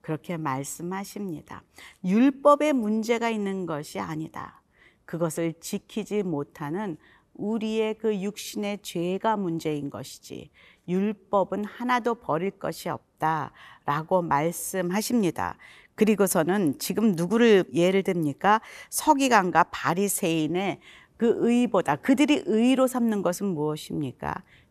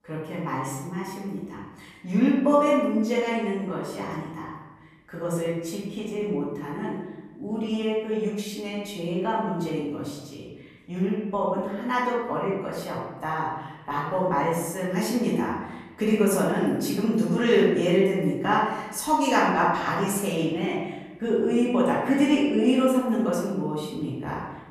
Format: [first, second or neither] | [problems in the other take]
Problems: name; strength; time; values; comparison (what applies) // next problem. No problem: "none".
first | room echo; noticeable; dies away in 1 s // off-mic speech; far